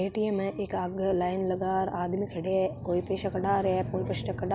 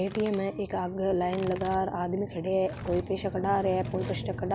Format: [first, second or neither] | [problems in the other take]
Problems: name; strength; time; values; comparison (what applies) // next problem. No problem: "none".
first | background sound (Tearing); 18 dB below the speech